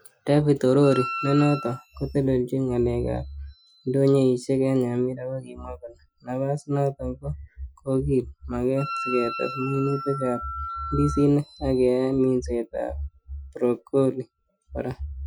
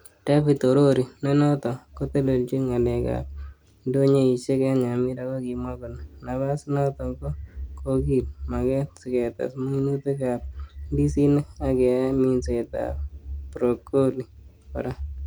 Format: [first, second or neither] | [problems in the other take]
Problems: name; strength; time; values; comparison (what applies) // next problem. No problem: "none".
second | noise reduction (classical method Wiener filter)